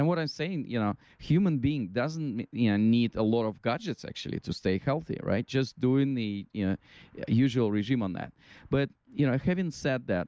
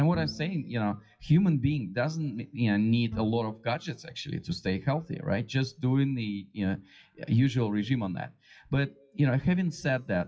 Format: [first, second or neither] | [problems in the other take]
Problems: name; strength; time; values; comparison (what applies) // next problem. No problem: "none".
first | noise reduction (classical method WPE with log-MMSE)